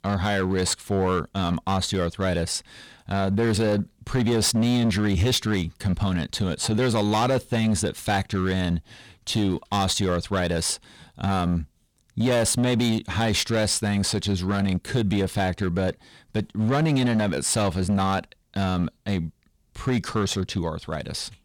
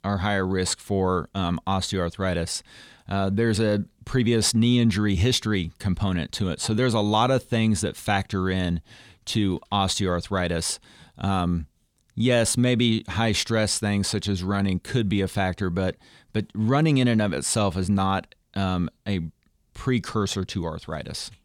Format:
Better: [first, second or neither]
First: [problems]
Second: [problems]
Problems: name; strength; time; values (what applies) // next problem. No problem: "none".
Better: second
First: distortion; slight; 9% of the sound clipped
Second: none